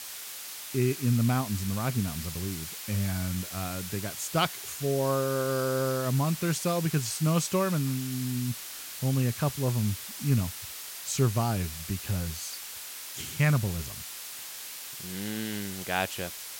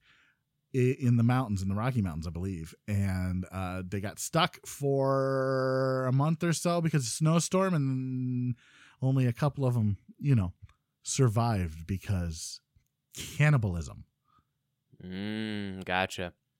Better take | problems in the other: second | hiss; loud; throughout; 8 dB below the speech

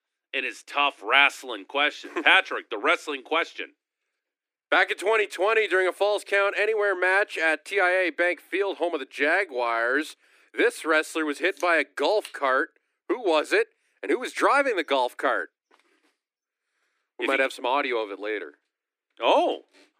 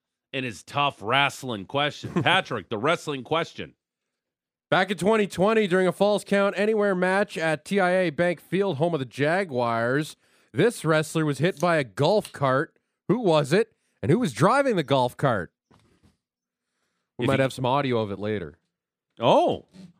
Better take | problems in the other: second | thin; somewhat; fading below 300 Hz

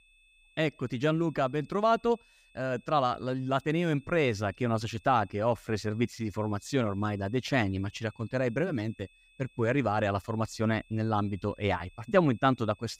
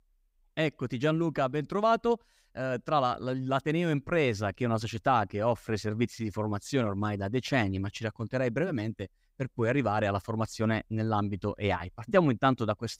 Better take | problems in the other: second | high-pitched whine; faint; throughout; 2.5 kHz, 30 dB below the speech

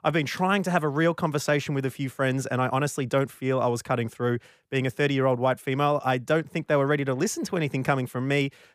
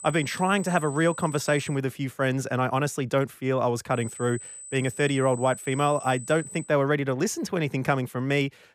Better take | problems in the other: first | high-pitched whine; noticeable; until 1.5 s and from 4 to 6.5 s; 8 kHz, 15 dB below the speech

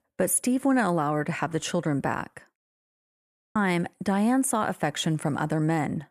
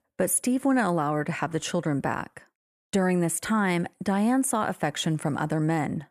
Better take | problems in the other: second | audio cutting out; at 2.5 s for 1 s

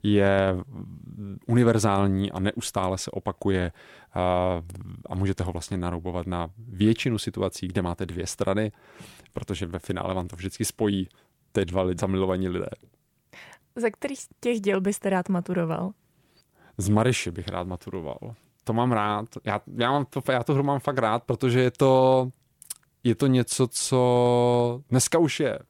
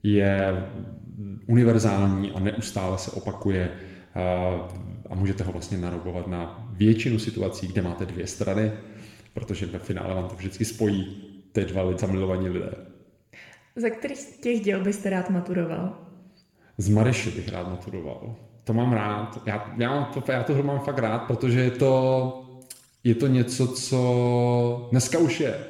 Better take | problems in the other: first | room echo; slight; dies away in 0.9 s

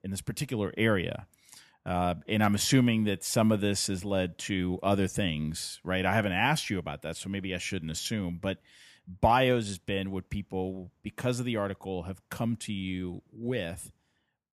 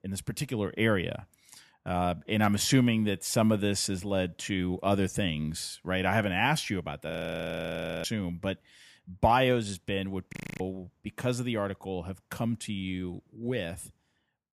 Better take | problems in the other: first | audio freezing; at 7 s for 1 s and at 10 s

